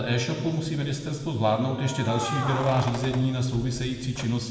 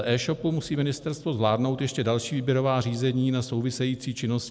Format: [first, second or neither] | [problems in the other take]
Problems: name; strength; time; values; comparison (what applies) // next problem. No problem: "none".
second | background sound (Keys jangling); 11 dB below the speech // room echo; dies away in 1.6 s